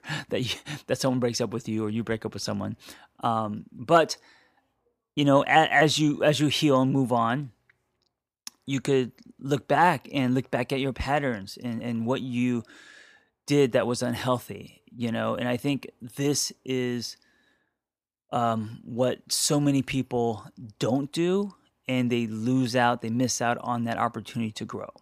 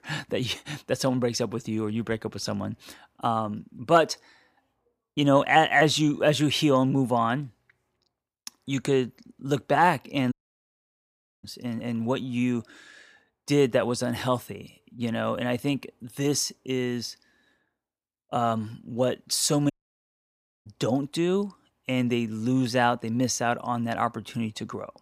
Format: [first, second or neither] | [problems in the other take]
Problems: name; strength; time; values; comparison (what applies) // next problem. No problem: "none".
first | audio cutting out; at 10 s for 1 s and at 20 s for 1 s